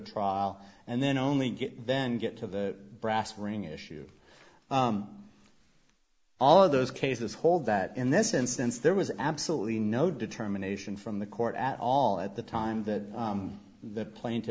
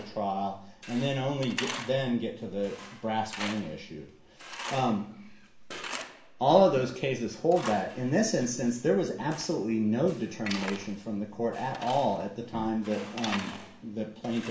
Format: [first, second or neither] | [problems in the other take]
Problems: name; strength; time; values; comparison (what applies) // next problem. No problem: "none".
first | background sound (Tools); 13 dB below the speech // room echo; dies away in 0.5 s